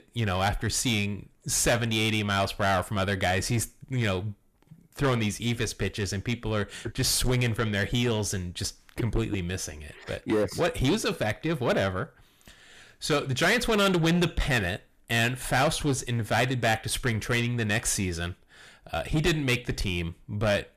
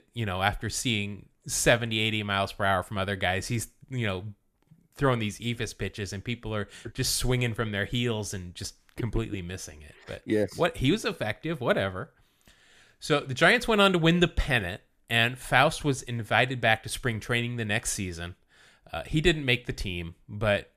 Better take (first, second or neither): second